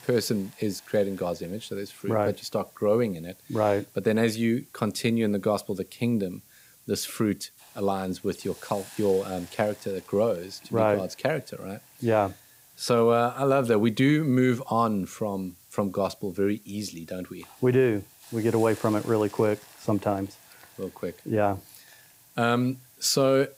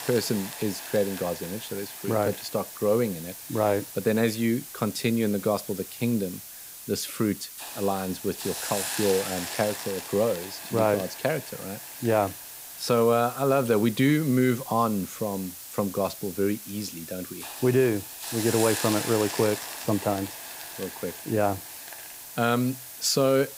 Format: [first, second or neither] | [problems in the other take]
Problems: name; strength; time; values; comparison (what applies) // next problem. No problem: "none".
first | hiss; loud; throughout; 9 dB below the speech; faint in the first